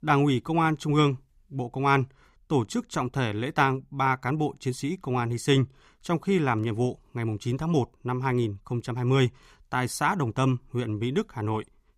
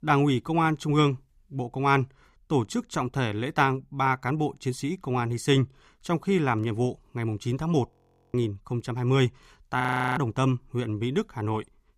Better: first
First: none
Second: audio freezing; at 8 s and at 10 s

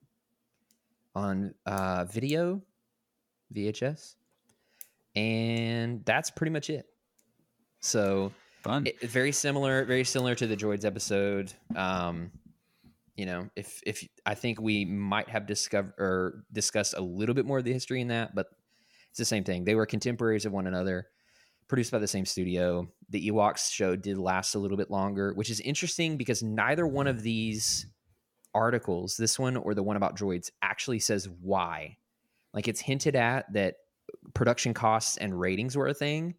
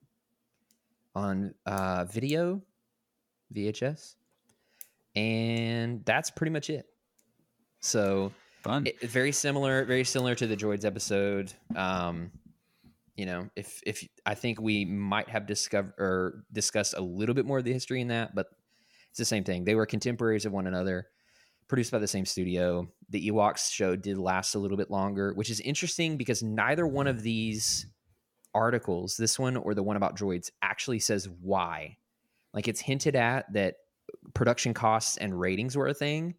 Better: neither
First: none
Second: none

